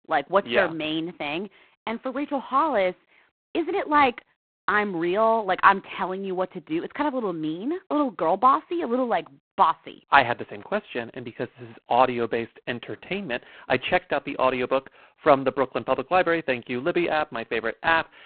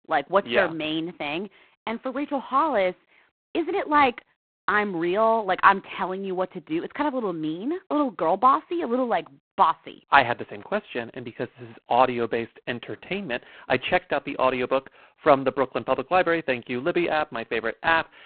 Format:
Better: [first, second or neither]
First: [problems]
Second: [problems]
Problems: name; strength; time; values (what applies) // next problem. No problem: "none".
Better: neither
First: phone-call audio; poor line; nothing above 4 kHz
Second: phone-call audio; poor line; nothing above 4 kHz